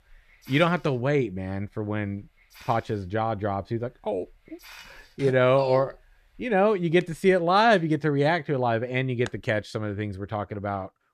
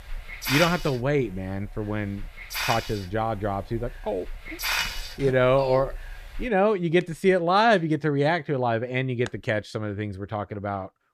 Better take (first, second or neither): first